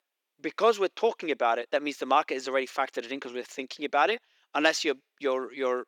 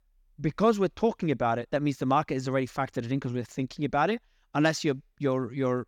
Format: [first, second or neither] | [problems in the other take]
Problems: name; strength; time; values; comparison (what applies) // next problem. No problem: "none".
second | thin; somewhat; fading below 350 Hz